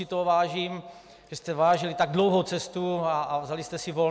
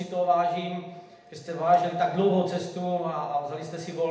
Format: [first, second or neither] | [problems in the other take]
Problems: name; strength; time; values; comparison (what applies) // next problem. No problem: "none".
first | room echo; dies away in 0.8 s